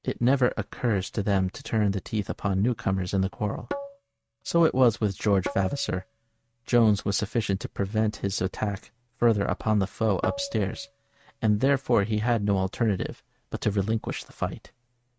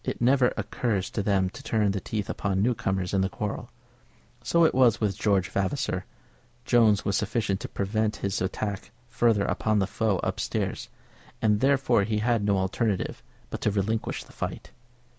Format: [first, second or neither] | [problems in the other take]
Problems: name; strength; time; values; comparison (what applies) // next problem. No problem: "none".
second | noise reduction (neural mask model RNNoise)